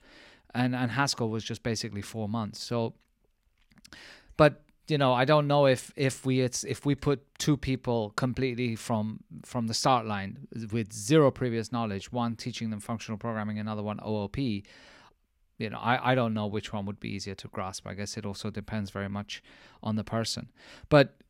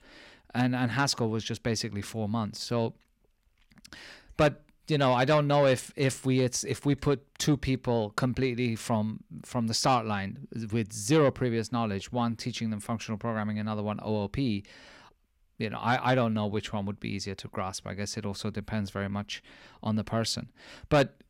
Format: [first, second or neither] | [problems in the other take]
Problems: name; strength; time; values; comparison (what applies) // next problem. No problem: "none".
first | distortion; slight; 10 dB below the speech